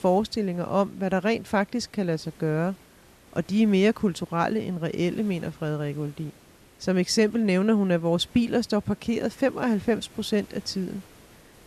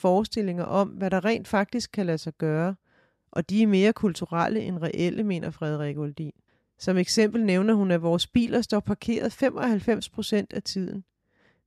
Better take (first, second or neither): second